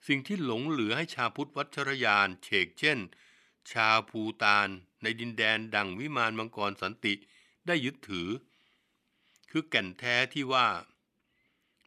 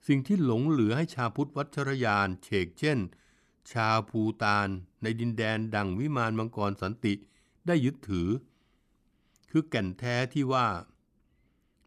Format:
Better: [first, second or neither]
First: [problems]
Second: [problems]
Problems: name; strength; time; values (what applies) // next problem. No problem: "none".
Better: second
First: thin; somewhat; fading below 450 Hz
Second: none